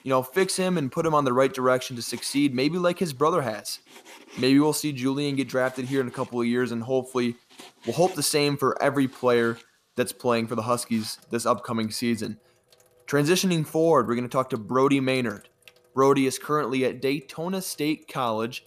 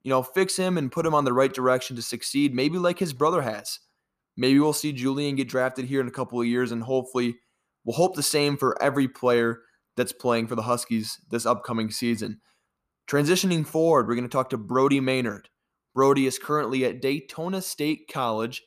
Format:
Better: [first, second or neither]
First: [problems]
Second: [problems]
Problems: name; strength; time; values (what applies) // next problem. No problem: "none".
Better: second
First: household noises; faint; throughout; 25 dB below the speech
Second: none